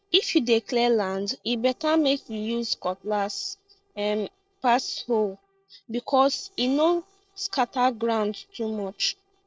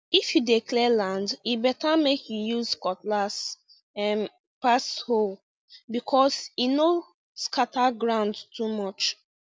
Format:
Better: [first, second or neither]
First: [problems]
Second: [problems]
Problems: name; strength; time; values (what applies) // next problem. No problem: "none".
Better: second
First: noise reduction (neural separator model SepFormer DNS4)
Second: none